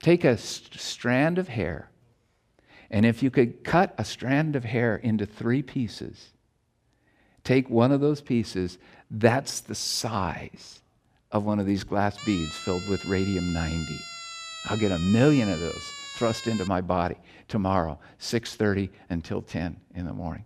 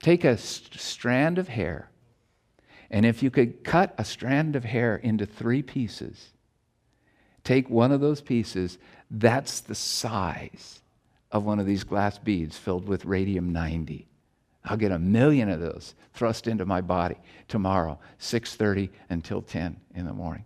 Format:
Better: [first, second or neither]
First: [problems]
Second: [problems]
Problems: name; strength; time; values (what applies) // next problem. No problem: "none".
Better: second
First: siren; noticeable; from 12 to 17 s; peak 9 dB below the speech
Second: none